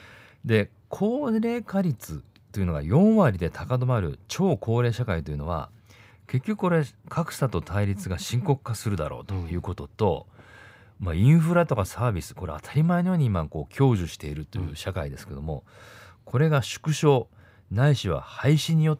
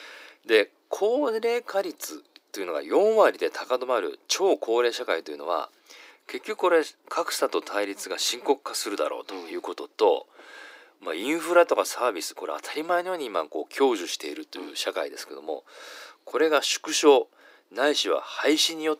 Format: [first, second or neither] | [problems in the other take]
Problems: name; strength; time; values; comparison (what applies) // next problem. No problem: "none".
first | thin; very; fading below 300 Hz